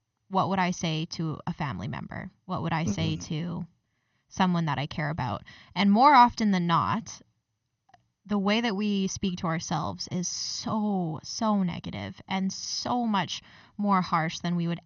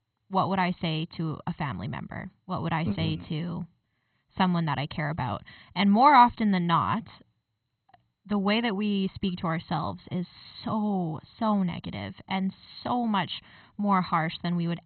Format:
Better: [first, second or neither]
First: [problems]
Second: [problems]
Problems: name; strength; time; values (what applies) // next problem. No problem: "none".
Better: first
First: garbled, watery; slightly; nothing above 6 kHz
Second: garbled, watery; badly; nothing above 4 kHz